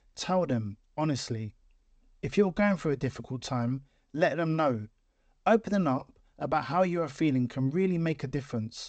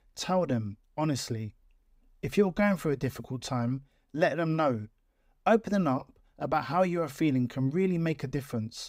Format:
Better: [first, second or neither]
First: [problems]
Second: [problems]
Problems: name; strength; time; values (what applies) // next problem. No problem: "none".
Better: second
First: garbled, watery; slightly; nothing above 7.5 kHz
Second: none